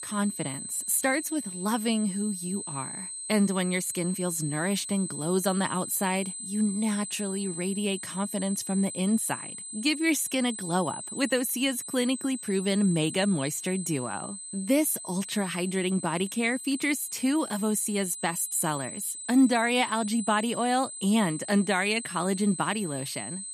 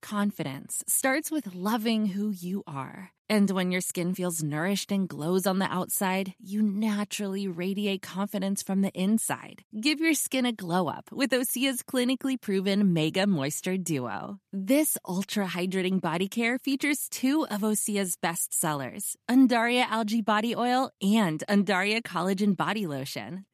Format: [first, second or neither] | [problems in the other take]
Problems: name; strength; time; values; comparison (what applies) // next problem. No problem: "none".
second | high-pitched whine; loud; throughout; 8 kHz, 8 dB below the speech